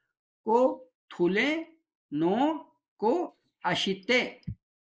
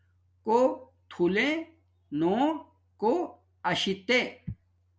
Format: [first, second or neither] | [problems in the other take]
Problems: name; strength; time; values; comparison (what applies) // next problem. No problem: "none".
second | noise reduction (neural mask model Resemble Enhance denoiser)